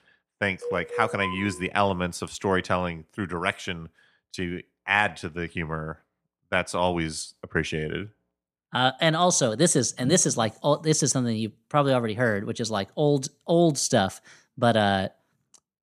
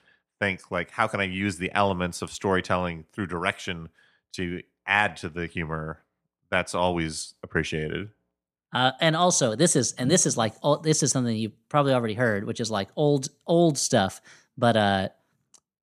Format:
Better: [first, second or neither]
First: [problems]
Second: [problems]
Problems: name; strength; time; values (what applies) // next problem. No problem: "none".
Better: second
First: phone ringing; noticeable; from 0.5 to 1.5 s; peak 7 dB below the speech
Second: none